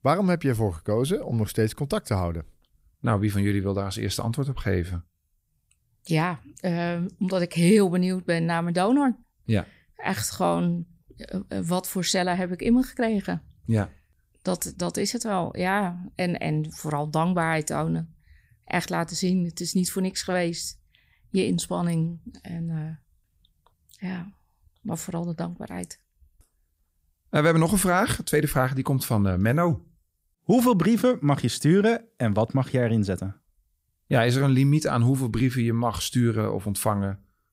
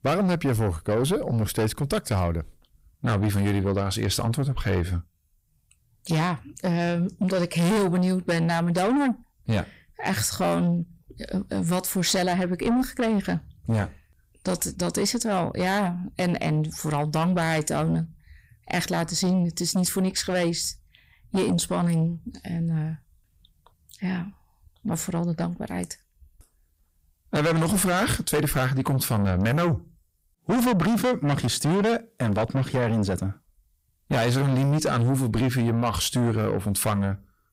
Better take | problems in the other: first | distortion; heavy; 7 dB below the speech

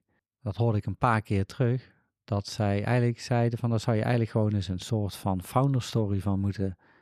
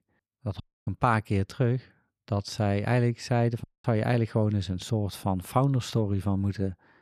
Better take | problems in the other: first | audio cutting out; at 0.5 s and at 3.5 s

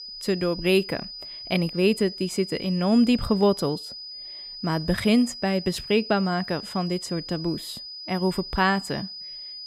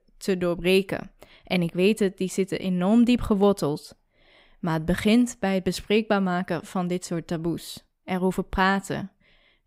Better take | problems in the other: second | high-pitched whine; noticeable; throughout; 5 kHz, 10 dB below the speech

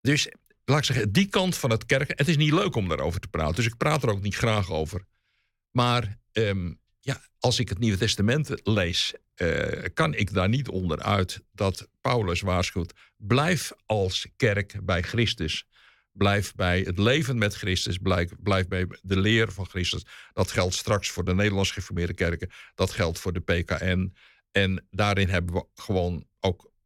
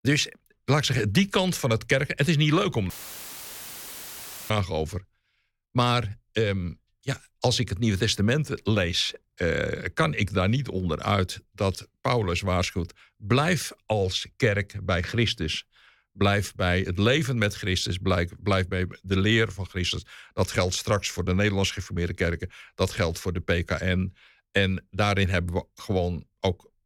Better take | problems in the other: first | audio cutting out; filled with static; at 3 s for 1.5 s

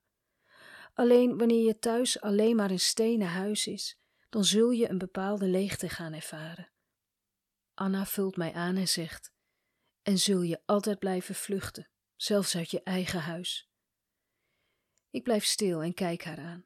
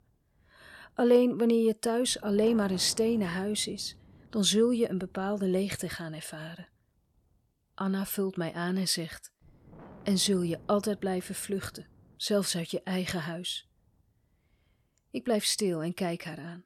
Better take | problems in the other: first | wind noise on the microphone; occasional gusts; 25 dB below the speech

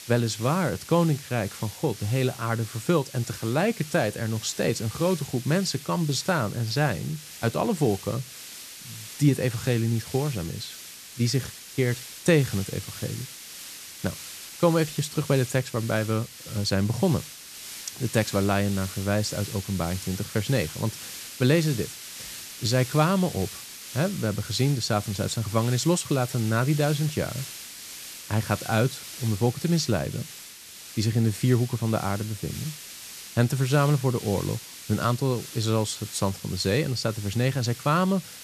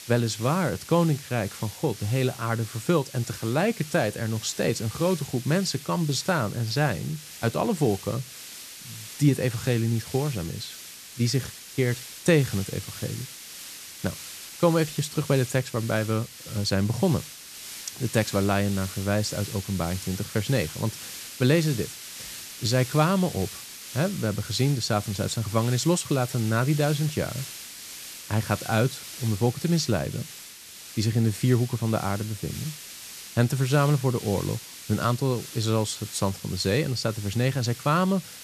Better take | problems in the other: neither | hiss; noticeable; throughout; 10 dB below the speech; the same in both

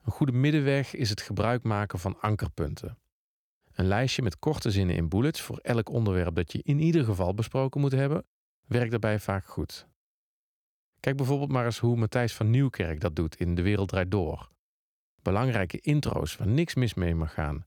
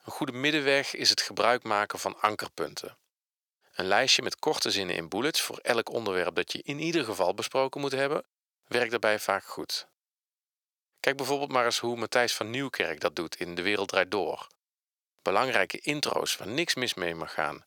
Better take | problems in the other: first | thin; very; fading below 550 Hz

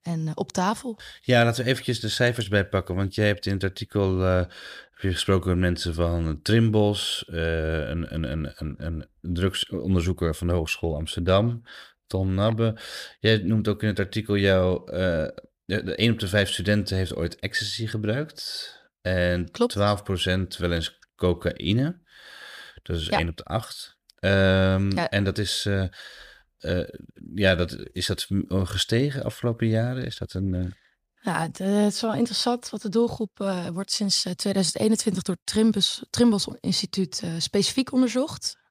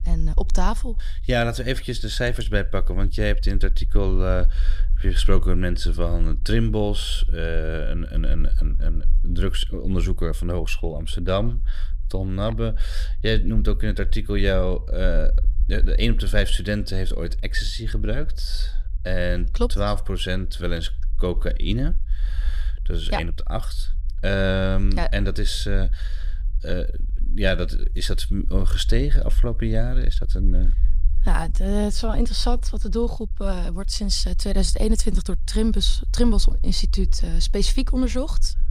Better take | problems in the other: first | low rumble; faint; throughout; 25 dB below the speech

